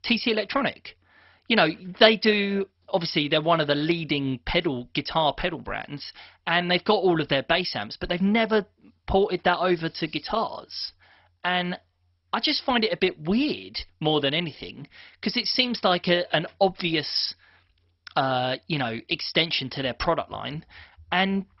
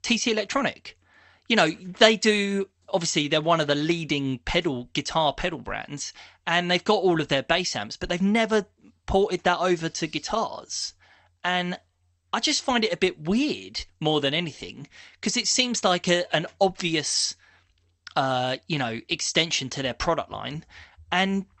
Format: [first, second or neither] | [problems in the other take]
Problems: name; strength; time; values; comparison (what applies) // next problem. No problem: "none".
second | garbled, watery; badly; nothing above 5.5 kHz; slightly in the second